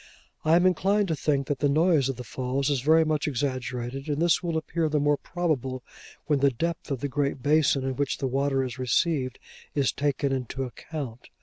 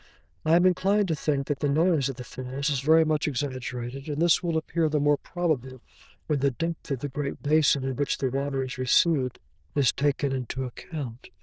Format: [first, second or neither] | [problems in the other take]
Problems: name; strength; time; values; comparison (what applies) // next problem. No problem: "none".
first | noise reduction (neural diffusion model UNIVERSE++)